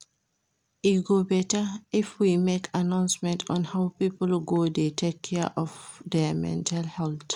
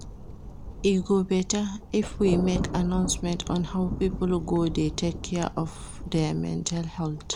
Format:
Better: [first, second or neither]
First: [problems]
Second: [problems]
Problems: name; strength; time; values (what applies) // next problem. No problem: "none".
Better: first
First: none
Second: background sound (Thunder); 9 dB below the speech